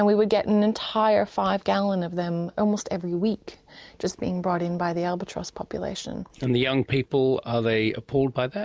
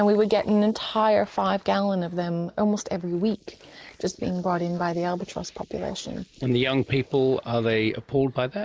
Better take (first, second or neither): first